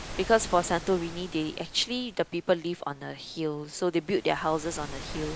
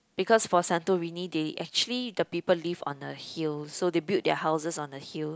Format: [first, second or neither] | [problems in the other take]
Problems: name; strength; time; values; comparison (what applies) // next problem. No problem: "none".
second | background sound (Waves, surf); 13 dB below the speech